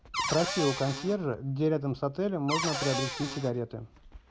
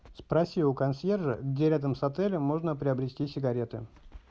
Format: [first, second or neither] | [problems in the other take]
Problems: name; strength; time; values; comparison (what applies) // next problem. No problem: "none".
second | background sound (Cupboard open or close / Door); 4 dB below the speech